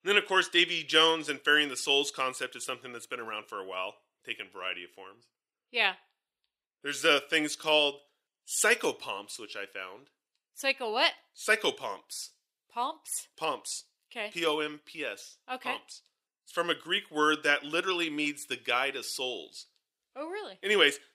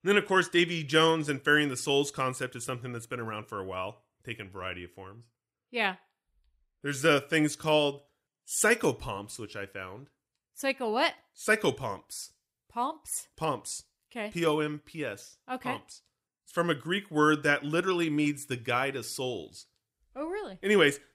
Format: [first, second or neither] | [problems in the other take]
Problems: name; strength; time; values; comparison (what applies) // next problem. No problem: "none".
second | thin; somewhat; fading below 350 Hz